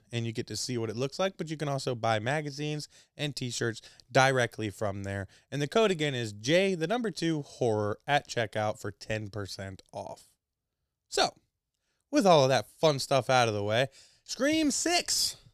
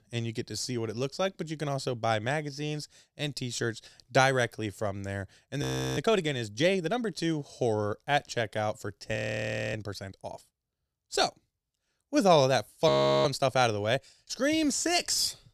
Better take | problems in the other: first | audio freezing; at 5.5 s, at 9 s for 0.5 s and at 13 s

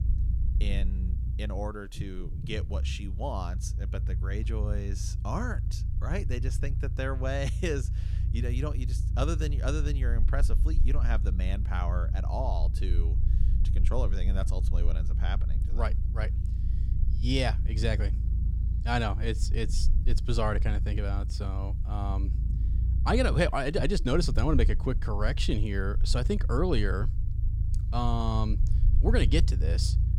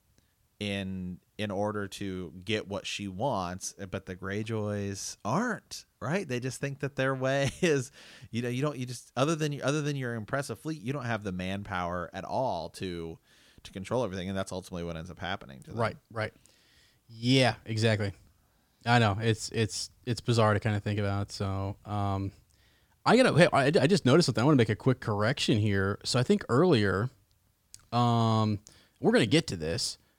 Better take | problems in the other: second | low rumble; noticeable; throughout; 15 dB below the speech

